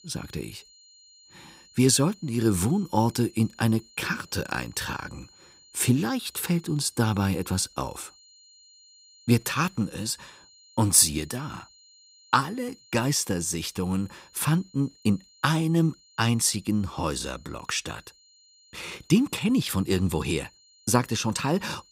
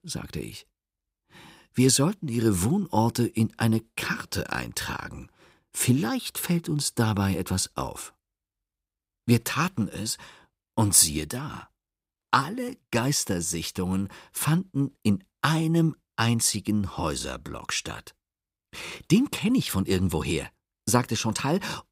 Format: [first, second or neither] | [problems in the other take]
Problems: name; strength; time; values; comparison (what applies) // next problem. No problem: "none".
second | high-pitched whine; faint; throughout; 4 kHz, 30 dB below the speech